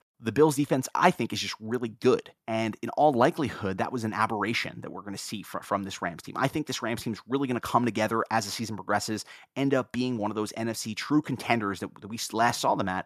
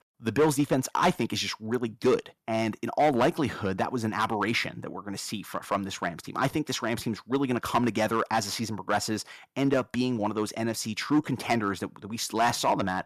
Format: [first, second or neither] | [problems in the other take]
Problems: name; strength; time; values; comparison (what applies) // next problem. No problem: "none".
first | distortion; slight; 3% of the sound clipped